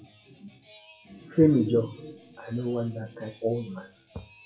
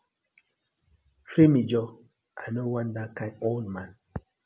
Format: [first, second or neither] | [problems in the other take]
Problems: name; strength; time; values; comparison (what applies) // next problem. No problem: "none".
second | noise reduction (classical method WPE with log-MMSE)